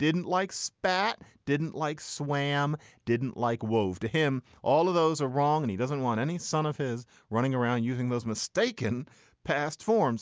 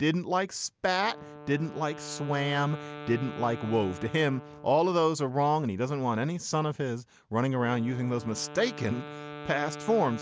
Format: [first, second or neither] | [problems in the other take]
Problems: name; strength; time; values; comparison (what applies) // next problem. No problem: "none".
first | background sound (Wind instrument, woodwind instrument); 15 dB below the speech